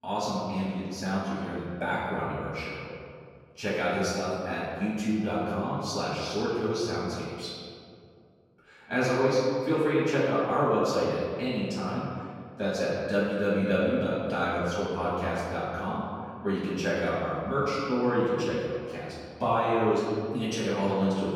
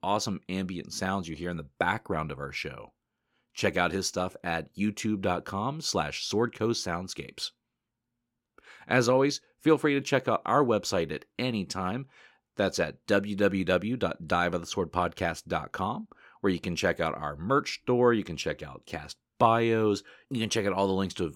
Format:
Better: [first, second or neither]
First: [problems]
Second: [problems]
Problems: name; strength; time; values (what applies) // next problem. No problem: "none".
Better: second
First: off-mic speech; far // room echo; strong; dies away in 2 s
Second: none